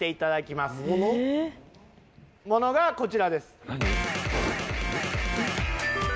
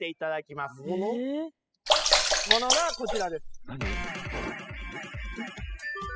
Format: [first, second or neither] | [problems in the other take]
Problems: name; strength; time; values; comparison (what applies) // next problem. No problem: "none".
first | noise reduction (classical method spectral subtraction)